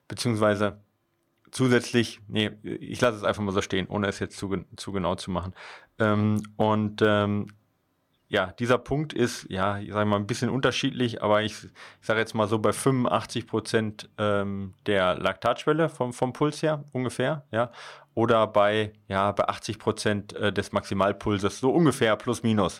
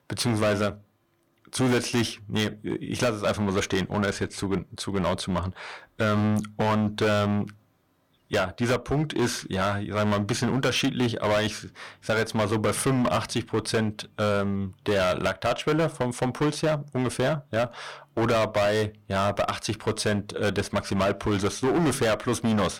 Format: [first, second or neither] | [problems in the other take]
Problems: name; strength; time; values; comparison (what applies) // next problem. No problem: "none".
first | distortion; heavy; 13% of the sound clipped